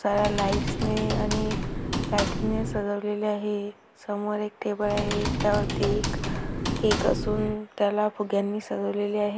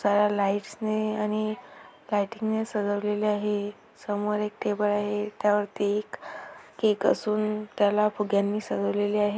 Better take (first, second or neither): second